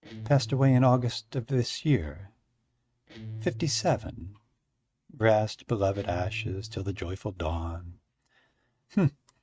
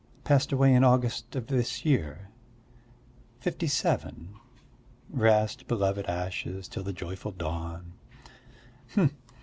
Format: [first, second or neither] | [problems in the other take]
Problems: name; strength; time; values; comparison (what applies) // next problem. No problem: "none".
second | noise reduction (neural mask model RNNoise)